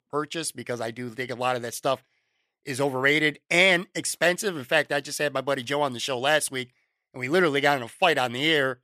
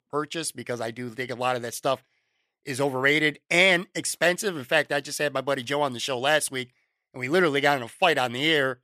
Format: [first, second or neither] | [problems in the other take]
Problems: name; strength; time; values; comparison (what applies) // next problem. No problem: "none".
neither | thin; very slightly; fading below 400 Hz; the same in both